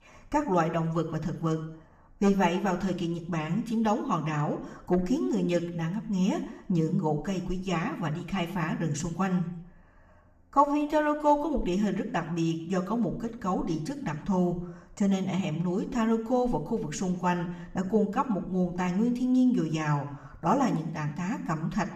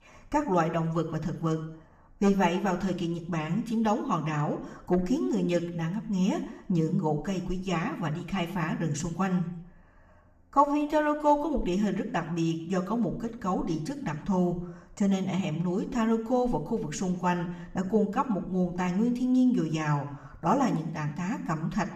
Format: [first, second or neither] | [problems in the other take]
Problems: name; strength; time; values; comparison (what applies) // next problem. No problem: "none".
neither | room echo; slight; dies away in 0.7 s; the same in both // off-mic speech; somewhat distant; the same in both